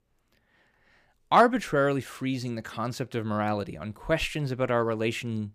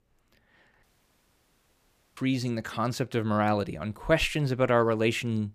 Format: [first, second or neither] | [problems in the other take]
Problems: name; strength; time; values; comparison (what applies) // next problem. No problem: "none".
first | audio cutting out; at 1 s for 1.5 s